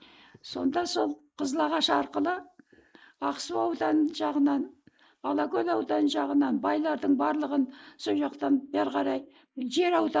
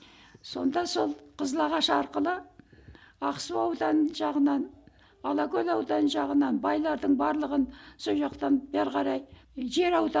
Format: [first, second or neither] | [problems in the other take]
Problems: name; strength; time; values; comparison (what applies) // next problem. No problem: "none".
second | noise reduction (neural mask model Resemble Enhance denoiser)